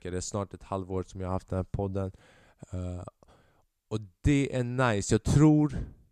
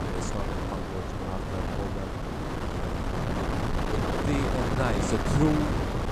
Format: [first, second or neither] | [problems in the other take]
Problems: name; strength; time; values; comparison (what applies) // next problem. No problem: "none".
first | wind noise on the microphone; heavy; 3 dB above the speech